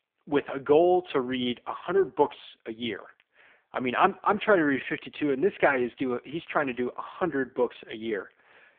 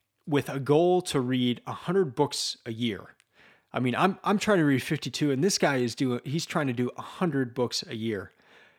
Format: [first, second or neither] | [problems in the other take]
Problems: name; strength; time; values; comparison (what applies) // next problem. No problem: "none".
second | phone-call audio; poor line; nothing above 3.5 kHz